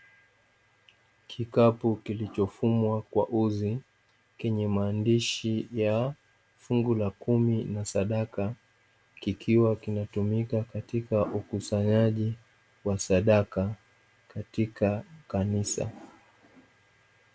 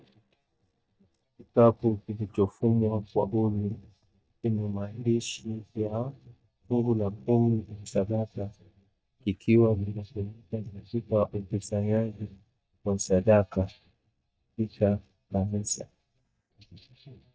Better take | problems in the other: first | noise reduction (neural mask model DeepFilterNet 3)

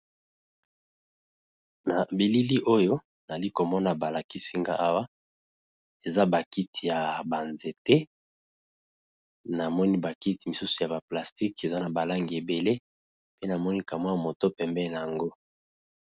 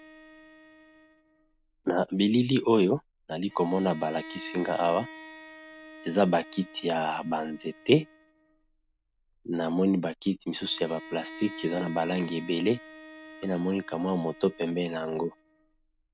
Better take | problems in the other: first | background sound (Bowed string instrument); 18 dB below the speech

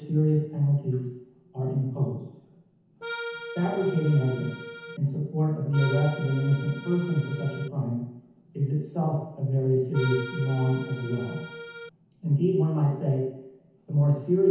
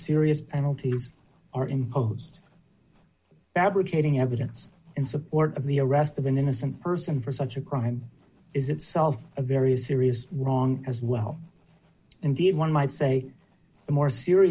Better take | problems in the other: second | background sound (Accordion); 11 dB below the speech // room echo; dies away in 0.9 s

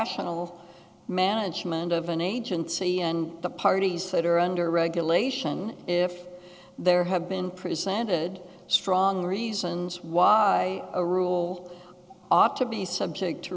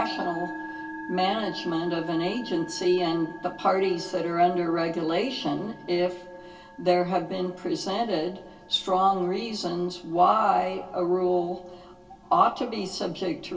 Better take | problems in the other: first | background sound (Musical instrument); 16 dB below the speech // room echo; dies away in 0.2 s

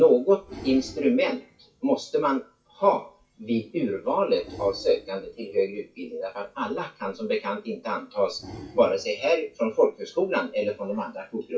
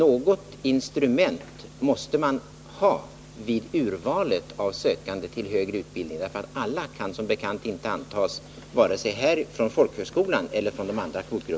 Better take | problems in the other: second | noise reduction (classical method WPE with log-MMSE)

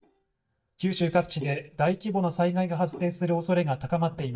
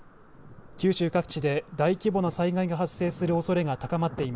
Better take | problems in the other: second | noise reduction (neural mask model DeepFilterNet 3)

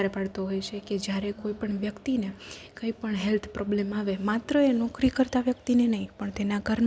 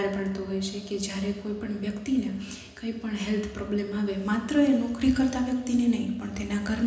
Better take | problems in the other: first | room echo; dies away in 1 s

